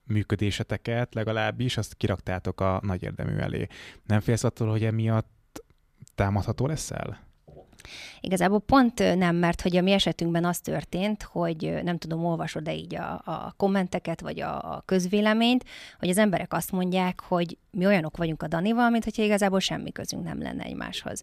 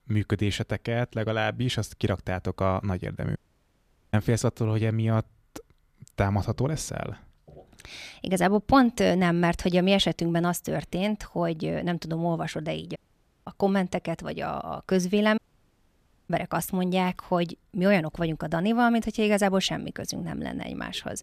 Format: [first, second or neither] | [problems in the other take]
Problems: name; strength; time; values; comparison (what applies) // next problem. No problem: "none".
first | audio cutting out; at 3.5 s for 1 s, at 13 s for 0.5 s and at 15 s for 1 s